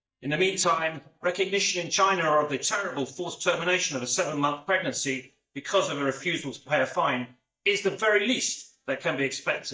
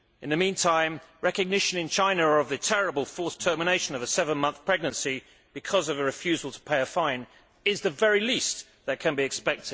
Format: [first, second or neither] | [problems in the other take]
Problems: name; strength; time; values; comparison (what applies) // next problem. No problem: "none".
second | noise reduction (neural mask model DeepFilterNet 3)